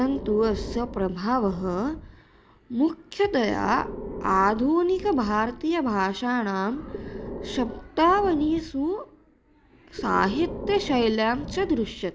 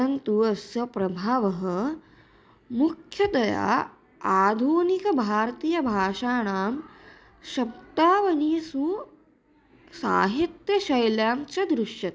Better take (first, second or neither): second